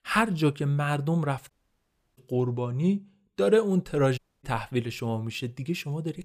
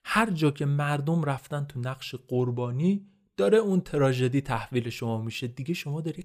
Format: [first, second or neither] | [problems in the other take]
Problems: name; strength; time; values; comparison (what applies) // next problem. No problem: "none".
second | audio cutting out; at 1.5 s for 0.5 s and at 4 s